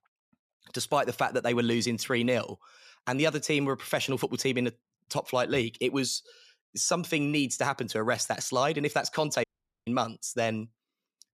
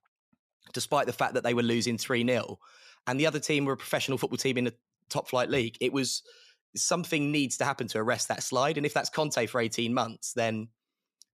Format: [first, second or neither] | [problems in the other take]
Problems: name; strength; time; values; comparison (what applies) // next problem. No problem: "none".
second | audio cutting out; at 9.5 s